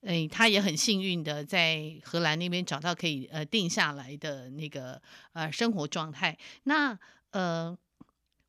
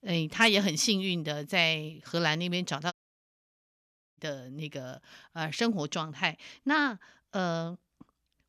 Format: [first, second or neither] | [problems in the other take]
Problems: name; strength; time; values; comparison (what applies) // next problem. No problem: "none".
first | audio cutting out; at 3 s for 1.5 s